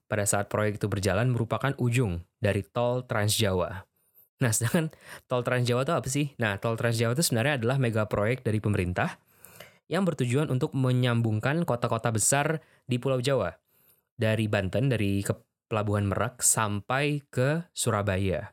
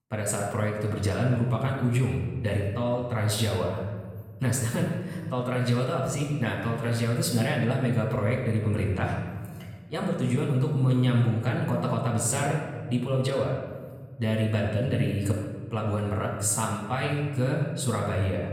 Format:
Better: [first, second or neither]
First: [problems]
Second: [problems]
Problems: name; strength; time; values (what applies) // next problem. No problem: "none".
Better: first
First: none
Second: off-mic speech; far // room echo; noticeable; dies away in 1.4 s